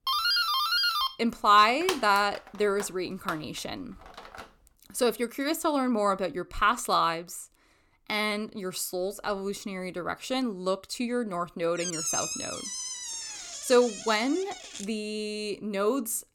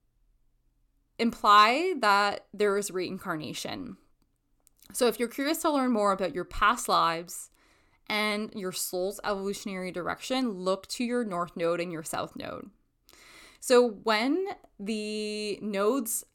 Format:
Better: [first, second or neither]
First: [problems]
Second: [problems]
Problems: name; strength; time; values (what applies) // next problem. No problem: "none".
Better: second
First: doorbell; loud; until 4.5 s; peak 4 dB above the speech // door banging; noticeable; from 12 to 15 s; peak 1 dB below the speech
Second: none